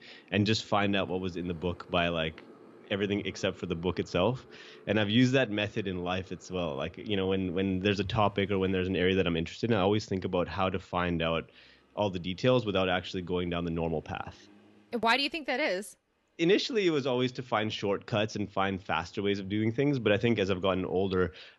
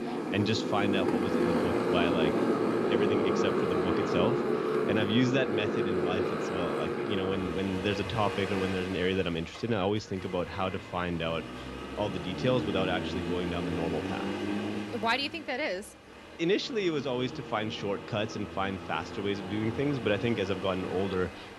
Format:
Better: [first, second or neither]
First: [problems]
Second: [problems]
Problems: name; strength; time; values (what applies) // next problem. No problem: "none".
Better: first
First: traffic noise; faint; throughout; 30 dB below the speech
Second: traffic noise; loud; throughout; as loud as the speech